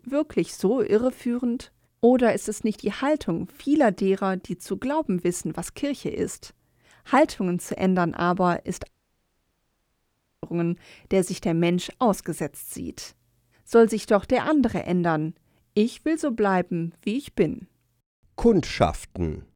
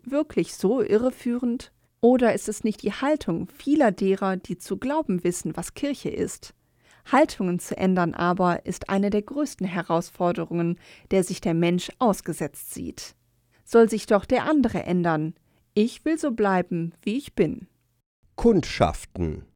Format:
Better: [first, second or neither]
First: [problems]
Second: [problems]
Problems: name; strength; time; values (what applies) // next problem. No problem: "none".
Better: second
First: audio cutting out; at 9 s for 1.5 s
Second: none